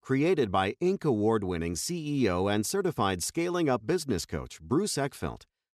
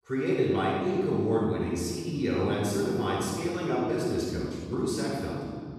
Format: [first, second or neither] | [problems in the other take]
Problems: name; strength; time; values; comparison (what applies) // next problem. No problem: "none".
first | off-mic speech; far // room echo; strong; dies away in 2.2 s